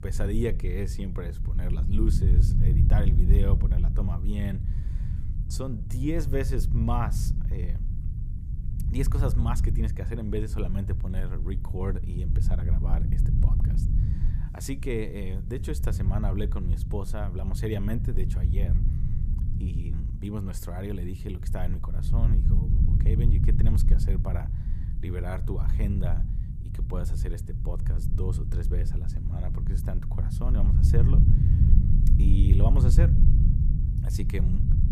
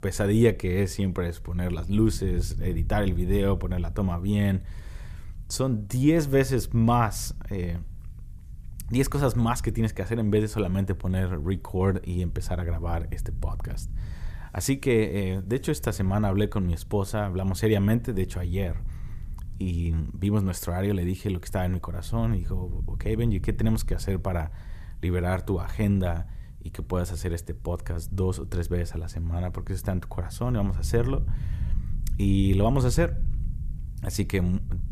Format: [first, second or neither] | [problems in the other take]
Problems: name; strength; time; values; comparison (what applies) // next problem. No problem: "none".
second | low rumble; loud; throughout; 4 dB below the speech; faint in the second